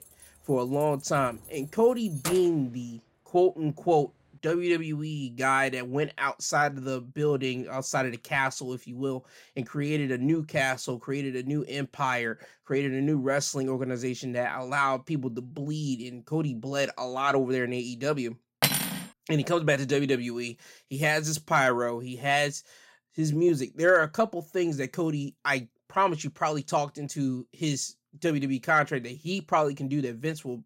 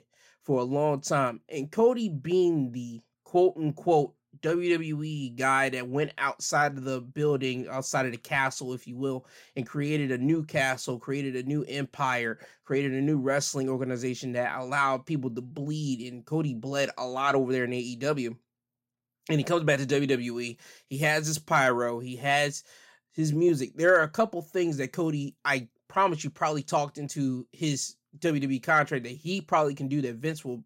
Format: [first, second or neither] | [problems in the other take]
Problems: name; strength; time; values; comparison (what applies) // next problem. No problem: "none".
second | jangling keys; noticeable; until 2.5 s; peak 6 dB below the speech // clattering dishes; loud; at 19 s; peak 3 dB above the speech